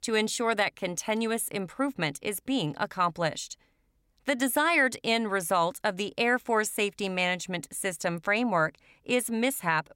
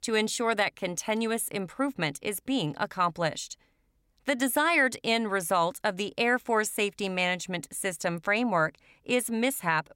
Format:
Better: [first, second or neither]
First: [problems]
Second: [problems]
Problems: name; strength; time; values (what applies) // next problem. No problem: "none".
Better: neither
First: none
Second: none